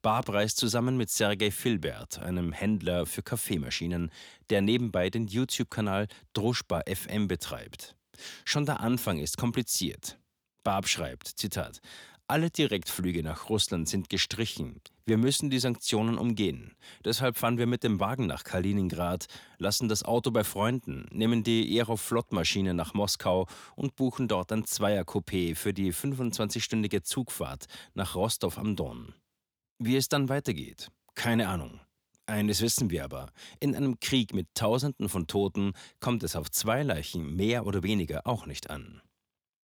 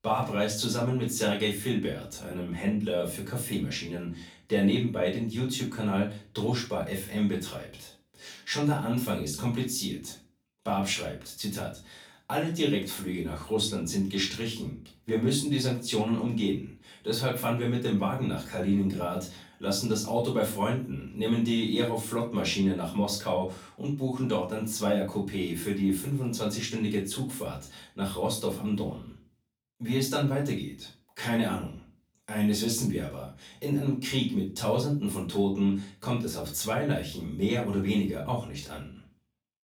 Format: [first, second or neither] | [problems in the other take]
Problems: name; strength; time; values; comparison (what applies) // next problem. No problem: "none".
first | off-mic speech; far // room echo; slight; dies away in 0.3 s